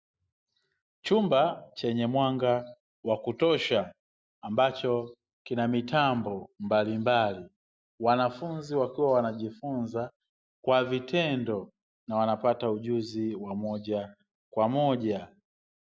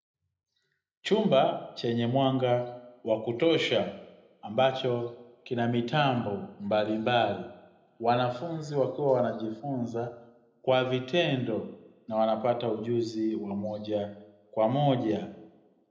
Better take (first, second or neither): first